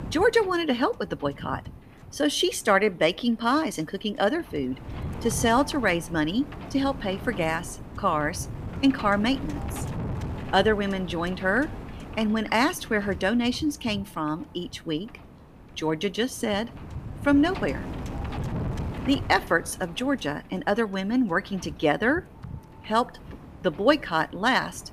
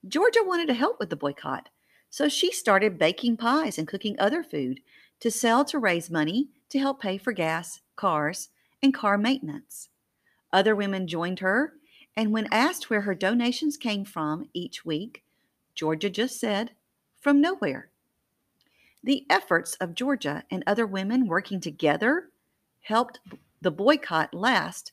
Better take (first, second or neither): second